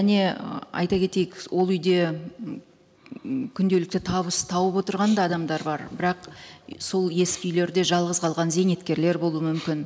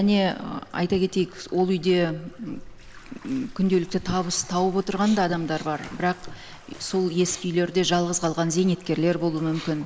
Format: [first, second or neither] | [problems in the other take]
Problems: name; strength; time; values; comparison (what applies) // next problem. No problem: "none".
first | background sound (Bathtub (filling or washing)); 18 dB below the speech